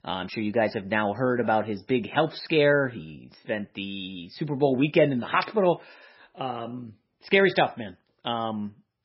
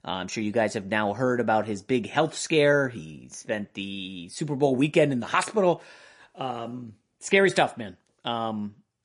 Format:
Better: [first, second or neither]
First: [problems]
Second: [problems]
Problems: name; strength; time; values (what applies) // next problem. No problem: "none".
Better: second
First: garbled, watery; badly; nothing above 5.5 kHz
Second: garbled, watery; slightly; nothing above 10.5 kHz